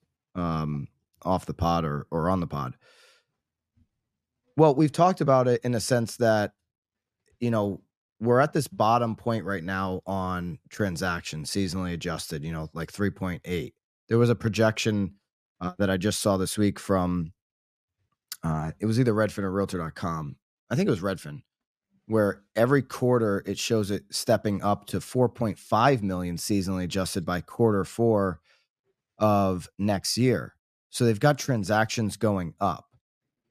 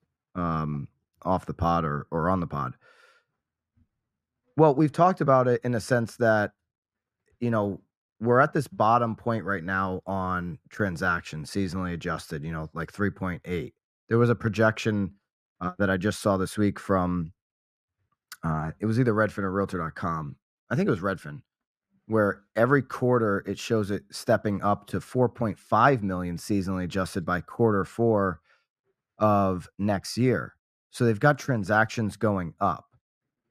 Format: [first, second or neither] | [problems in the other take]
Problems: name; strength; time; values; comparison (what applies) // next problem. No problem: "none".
first | muffled; slightly; fading above 2.5 kHz